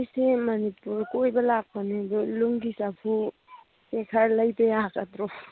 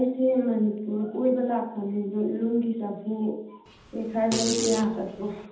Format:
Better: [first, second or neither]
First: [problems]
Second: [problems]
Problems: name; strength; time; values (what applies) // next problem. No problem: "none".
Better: first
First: none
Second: background sound (Fart); 7 dB below the speech // room echo; dies away in 0.8 s